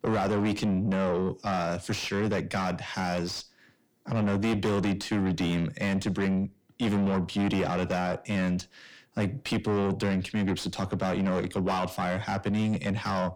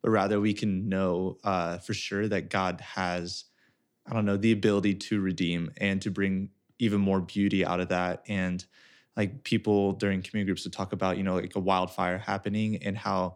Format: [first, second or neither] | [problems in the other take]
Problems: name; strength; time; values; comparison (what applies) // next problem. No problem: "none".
second | distortion; heavy; 6 dB below the speech